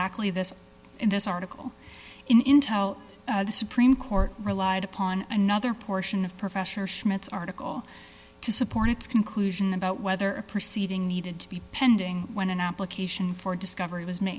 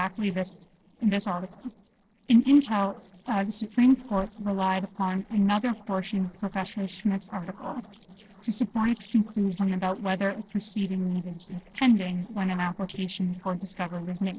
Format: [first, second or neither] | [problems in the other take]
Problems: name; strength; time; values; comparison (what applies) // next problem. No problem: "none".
first | noise reduction (neural separator model SepFormer DNS4)